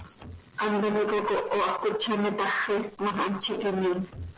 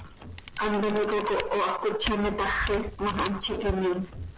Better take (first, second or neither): first